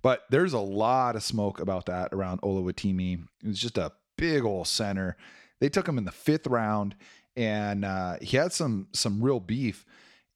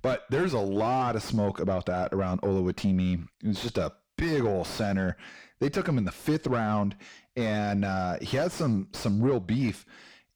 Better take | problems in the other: first | distortion; heavy; 7 dB below the speech

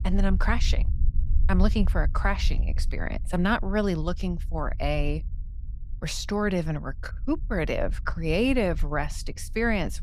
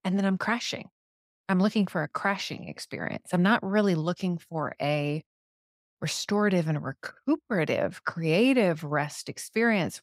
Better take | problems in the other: second | low rumble; faint; throughout; 20 dB below the speech

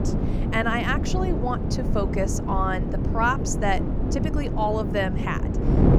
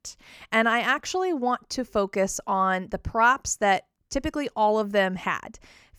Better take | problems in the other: second | wind noise on the microphone; heavy; 7 dB below the speech

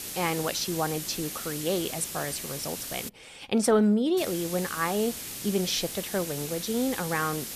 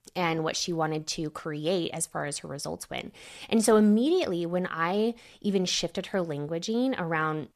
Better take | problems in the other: second | hiss; loud; until 3 s and from 4 s on; 6 dB below the speech

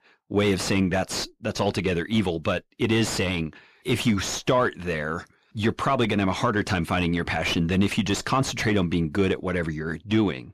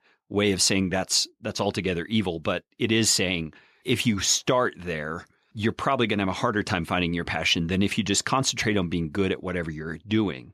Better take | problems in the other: second | distortion; heavy; 7 dB below the speech

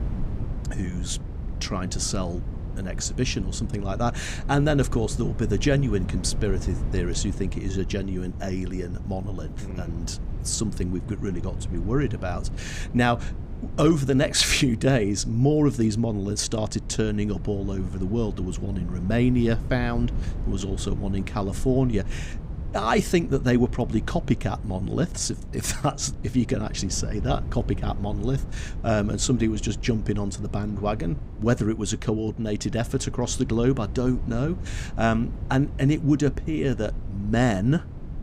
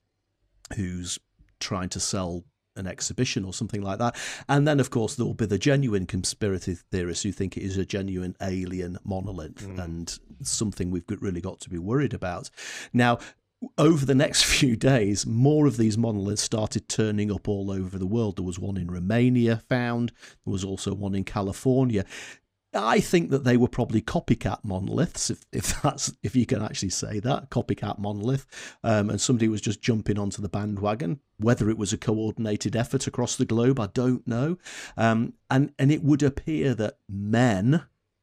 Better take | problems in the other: second | wind noise on the microphone; occasional gusts; 15 dB below the speech

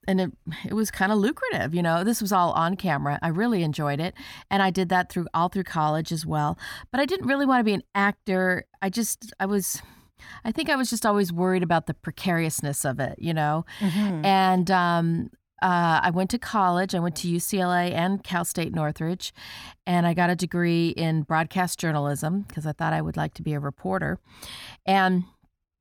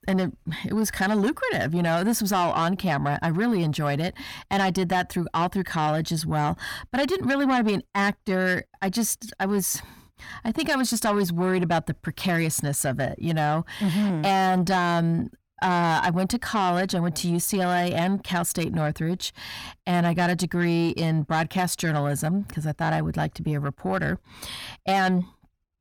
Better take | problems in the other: first | distortion; slight; 10 dB below the speech

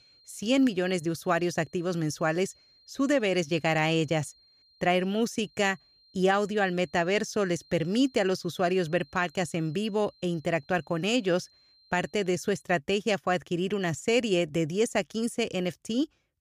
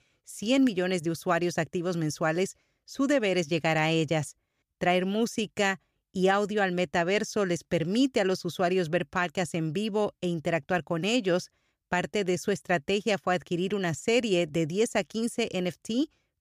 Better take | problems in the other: second | high-pitched whine; faint; until 13 s; 4 kHz, 30 dB below the speech

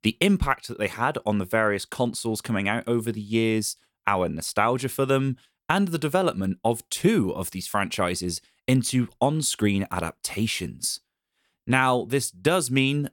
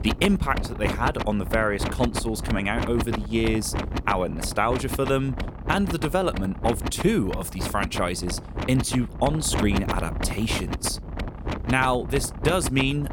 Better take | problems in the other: first | wind noise on the microphone; heavy; 7 dB below the speech

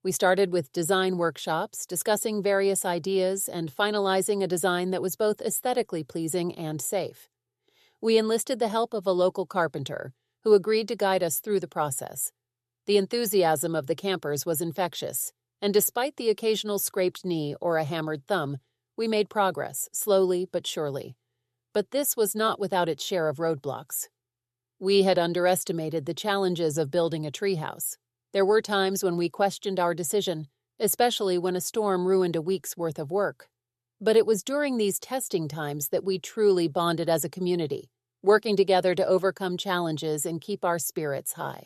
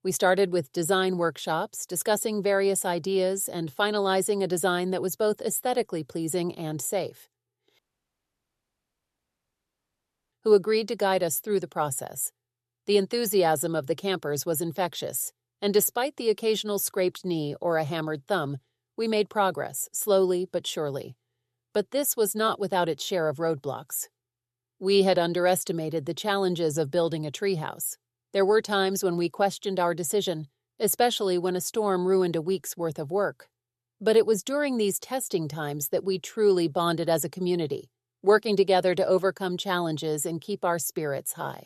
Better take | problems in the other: first | audio cutting out; at 8 s for 2.5 s

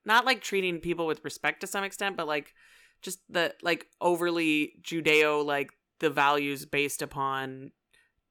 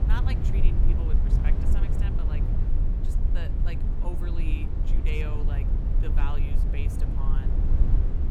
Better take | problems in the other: first | low rumble; loud; throughout; as loud as the speech

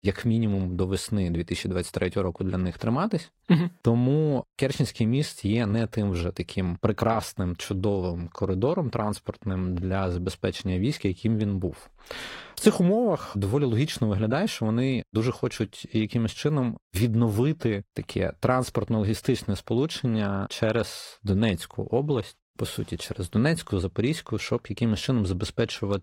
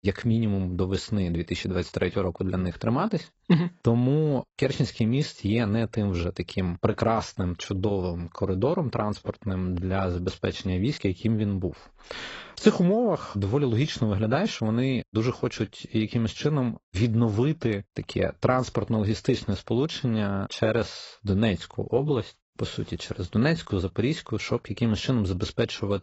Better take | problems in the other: first | garbled, watery; badly; nothing above 7.5 kHz; slightly in the first

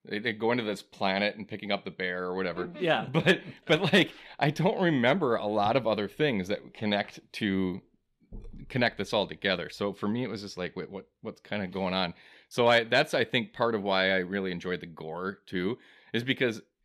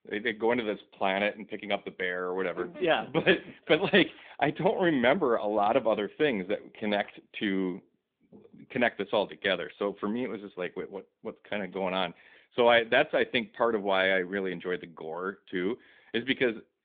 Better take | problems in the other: first | phone-call audio; nothing above 3.5 kHz

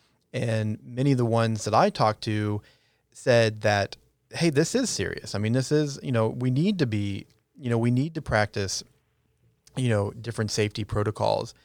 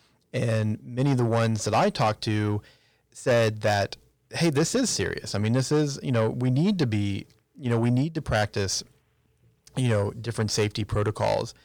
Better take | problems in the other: first | distortion; slight; 10 dB below the speech

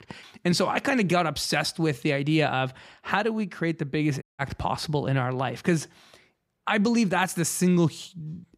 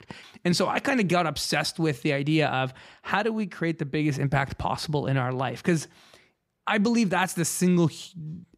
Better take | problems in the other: second | audio cutting out; at 4 s

